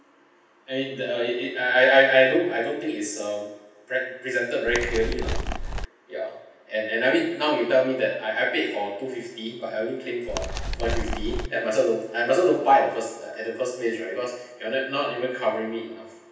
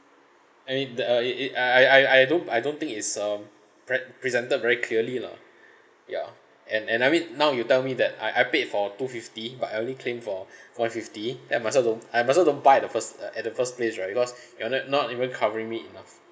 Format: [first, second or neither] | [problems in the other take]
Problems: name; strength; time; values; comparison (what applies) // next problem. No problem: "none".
second | background sound (Animal); 3 dB below the speech // room echo; dies away in 0.9 s